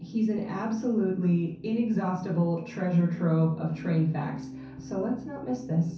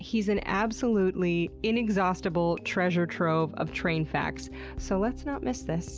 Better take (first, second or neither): second